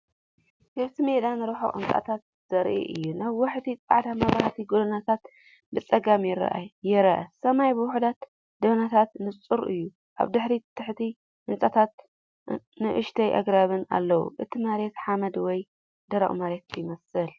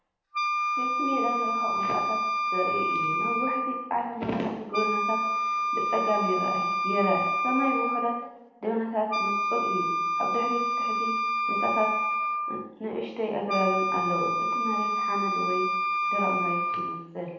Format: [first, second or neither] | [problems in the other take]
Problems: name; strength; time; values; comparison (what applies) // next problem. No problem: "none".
first | background sound (Wind instrument, woodwind instrument); 3 dB above the speech // room echo; dies away in 0.9 s